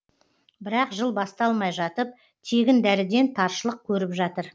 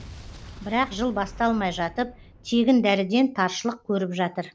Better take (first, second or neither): first